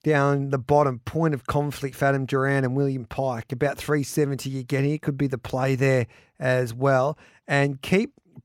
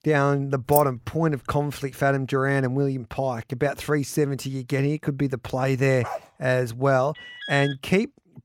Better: first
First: none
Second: jangling keys; noticeable; at 0.5 s; peak 4 dB below the speech // dog barking; faint; at 6 s; peak 10 dB below the speech // alarm; noticeable; at 7 s; peak 9 dB below the speech

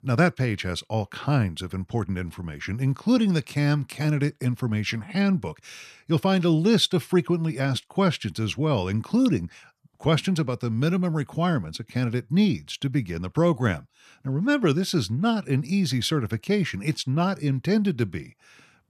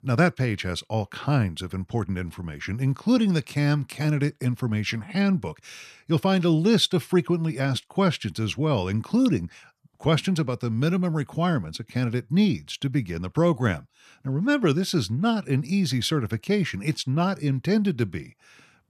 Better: neither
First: none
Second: none

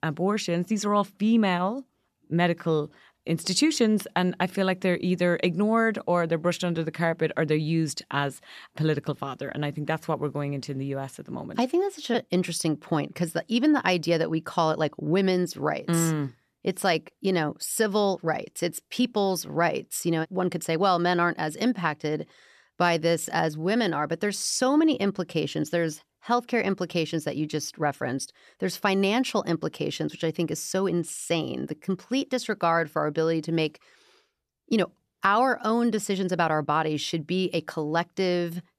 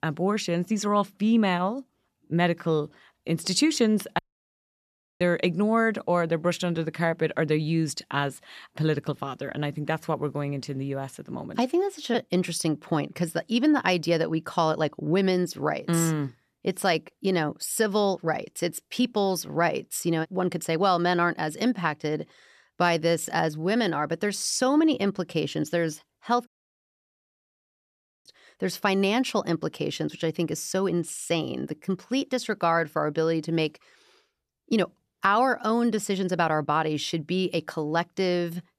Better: first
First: none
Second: audio cutting out; at 4 s for 1 s and at 26 s for 2 s

